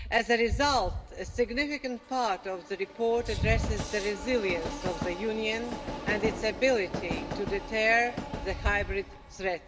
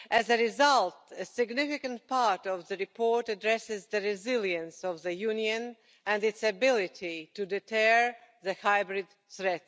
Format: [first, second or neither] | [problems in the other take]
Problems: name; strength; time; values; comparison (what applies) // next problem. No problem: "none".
second | background sound (Train); 6 dB below the speech // room echo; dies away in 1.6 s